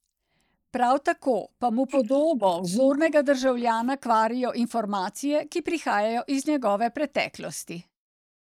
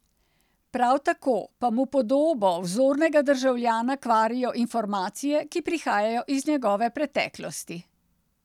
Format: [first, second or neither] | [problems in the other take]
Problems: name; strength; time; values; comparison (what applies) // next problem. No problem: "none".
second | noise reduction (neural mask model Resemble Enhance denoiser)